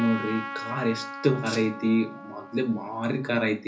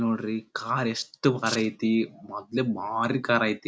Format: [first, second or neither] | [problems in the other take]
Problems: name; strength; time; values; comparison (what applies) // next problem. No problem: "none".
second | background sound (Trumpet); 12 dB below the speech // room echo; dies away in 0.3 s